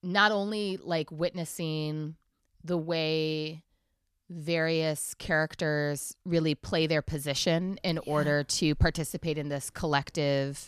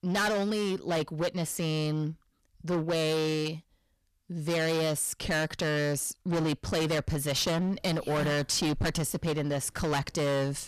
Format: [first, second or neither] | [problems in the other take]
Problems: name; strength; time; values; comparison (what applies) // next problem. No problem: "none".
first | distortion; heavy; 21% of the sound clipped